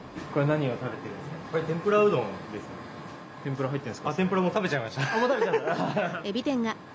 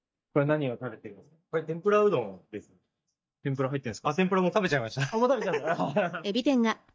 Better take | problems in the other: first | noise reduction (neural mask model DeepFilterNet 3)

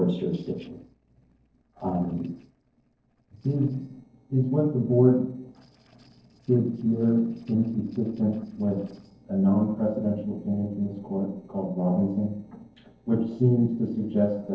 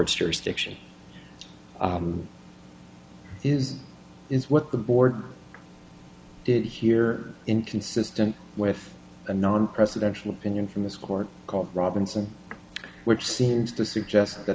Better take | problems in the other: second | noise reduction (neural separator model SepFormer DNS4)

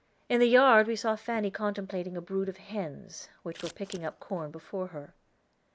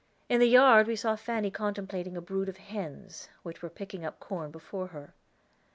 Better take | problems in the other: second | noise reduction (neural mask model Resemble Enhance denoiser)

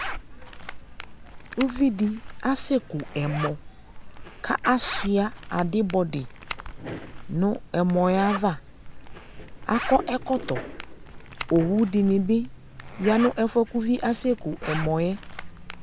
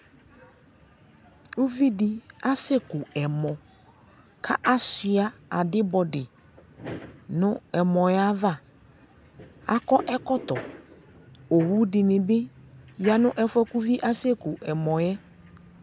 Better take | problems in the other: second | background sound (Zipper (clothing)); 10 dB below the speech

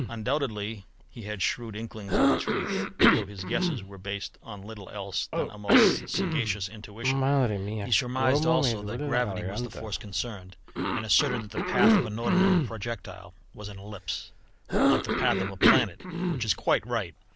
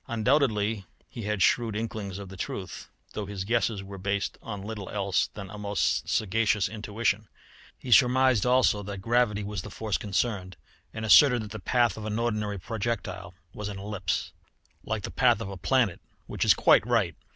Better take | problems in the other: second | background sound (Cough); 4 dB above the speech

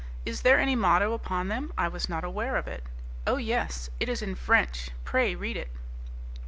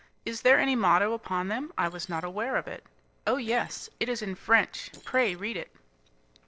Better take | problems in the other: first | noise reduction (neural separator model SepFormer DNS4)

